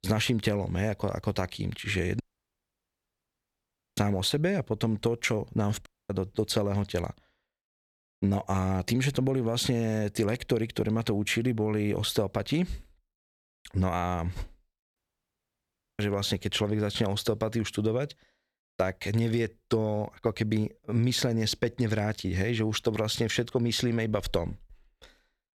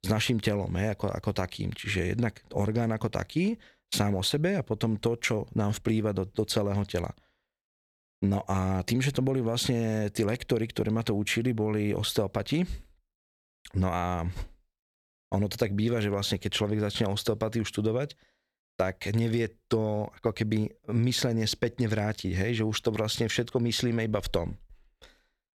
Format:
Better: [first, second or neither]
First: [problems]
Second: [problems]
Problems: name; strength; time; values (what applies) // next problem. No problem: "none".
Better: second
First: audio cutting out; at 2 s for 2 s, at 6 s and at 15 s for 1 s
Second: none